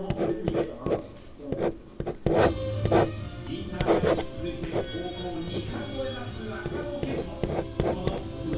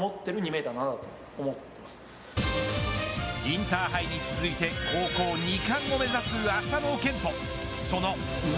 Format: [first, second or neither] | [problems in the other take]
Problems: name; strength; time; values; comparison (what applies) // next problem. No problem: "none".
second | background sound (Writing); 5 dB above the speech // room echo; dies away in 0.6 s